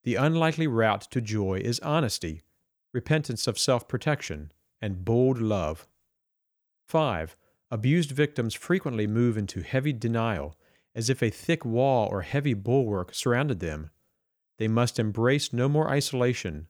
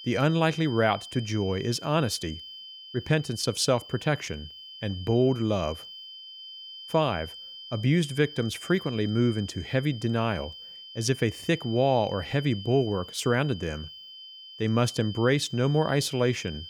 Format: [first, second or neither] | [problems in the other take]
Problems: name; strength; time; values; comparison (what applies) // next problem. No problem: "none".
first | high-pitched whine; noticeable; throughout; 3 kHz, 15 dB below the speech